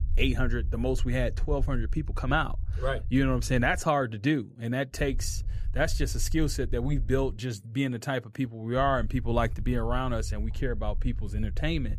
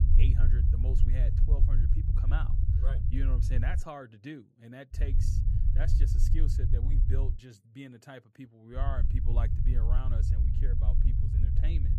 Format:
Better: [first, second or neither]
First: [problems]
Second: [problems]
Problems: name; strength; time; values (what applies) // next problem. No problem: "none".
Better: first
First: low rumble; faint; until 4 s, from 5 to 7.5 s and from 9 s on; 25 dB below the speech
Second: low rumble; loud; until 4 s, from 5 to 7.5 s and from 9 s on; 1 dB below the speech